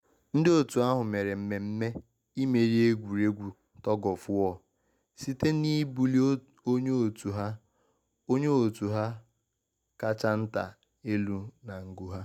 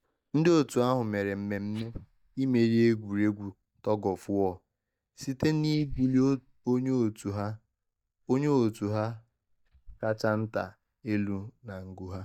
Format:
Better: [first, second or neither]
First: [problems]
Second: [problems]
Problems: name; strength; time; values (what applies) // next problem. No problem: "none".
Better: first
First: none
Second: noise reduction (neural mask model DeepFilterNet 3)